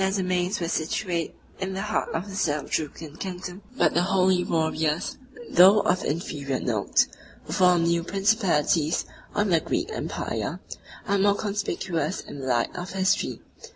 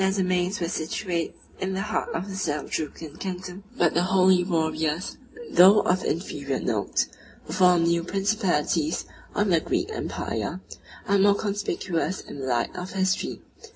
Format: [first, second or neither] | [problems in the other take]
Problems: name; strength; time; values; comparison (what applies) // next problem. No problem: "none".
first | room echo; dies away in 0.3 s